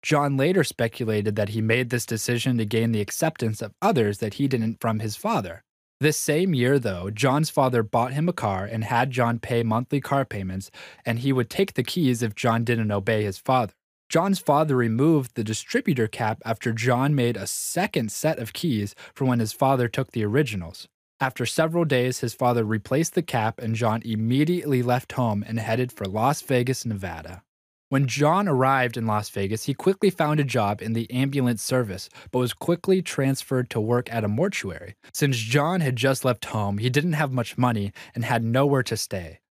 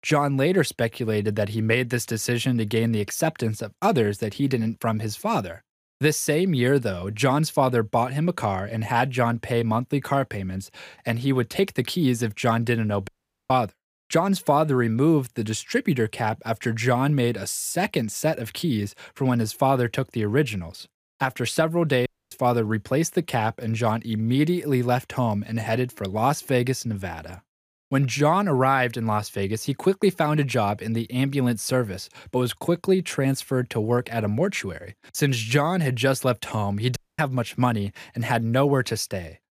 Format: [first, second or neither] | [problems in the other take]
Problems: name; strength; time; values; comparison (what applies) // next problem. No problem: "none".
first | audio cutting out; at 13 s, at 22 s and at 37 s